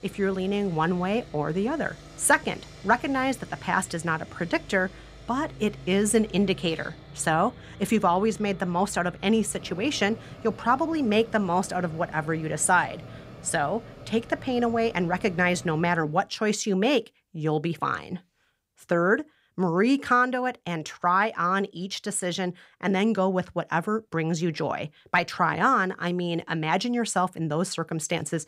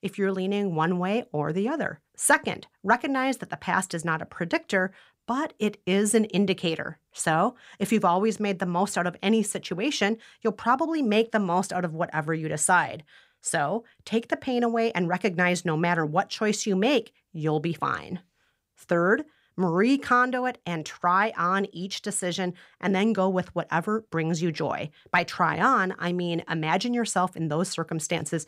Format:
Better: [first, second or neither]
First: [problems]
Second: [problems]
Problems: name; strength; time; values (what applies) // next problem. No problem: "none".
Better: second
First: machinery noise; noticeable; until 16 s; 20 dB below the speech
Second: none